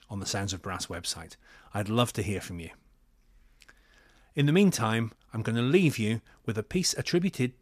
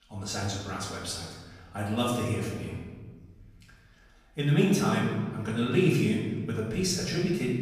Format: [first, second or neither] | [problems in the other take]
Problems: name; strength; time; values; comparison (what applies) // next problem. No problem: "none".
first | off-mic speech; far // room echo; noticeable; dies away in 1.4 s